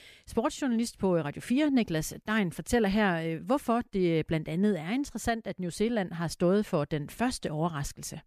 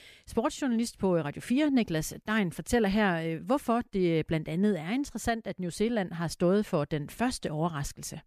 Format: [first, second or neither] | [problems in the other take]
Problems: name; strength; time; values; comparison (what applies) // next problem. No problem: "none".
neither | none